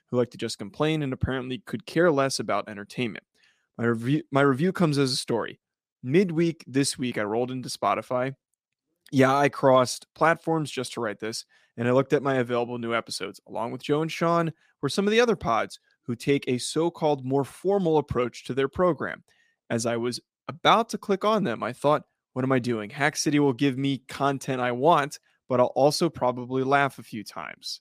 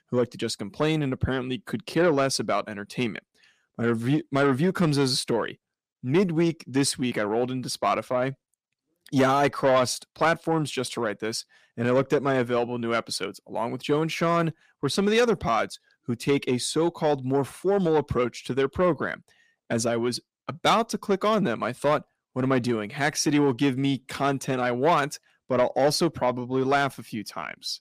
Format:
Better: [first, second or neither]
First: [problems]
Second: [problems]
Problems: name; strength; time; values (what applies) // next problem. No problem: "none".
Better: first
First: none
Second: distortion; slight; 10 dB below the speech